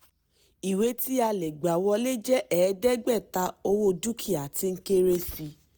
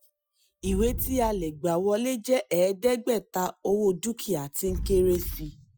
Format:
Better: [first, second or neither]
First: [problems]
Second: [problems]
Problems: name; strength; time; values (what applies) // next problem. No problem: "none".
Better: first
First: none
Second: noise reduction (classical method Wiener filter)